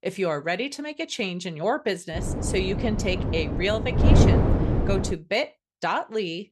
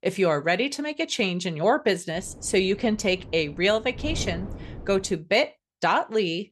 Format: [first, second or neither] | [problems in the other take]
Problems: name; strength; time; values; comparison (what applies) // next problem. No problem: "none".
second | wind noise on the microphone; heavy; from 2 to 5 s; 3 dB below the speech; occasional gusts in the second